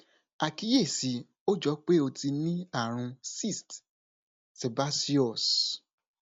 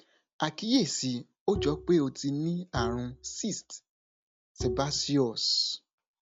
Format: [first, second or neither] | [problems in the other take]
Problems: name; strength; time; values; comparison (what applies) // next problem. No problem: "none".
first | background sound (Bowed string instrument); 8 dB below the speech